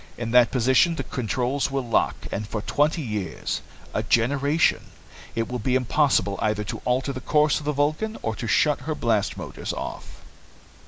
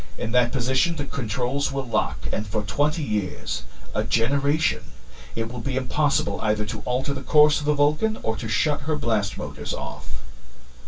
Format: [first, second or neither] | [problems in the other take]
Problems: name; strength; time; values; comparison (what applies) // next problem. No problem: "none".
first | room echo; dies away in 0.1 s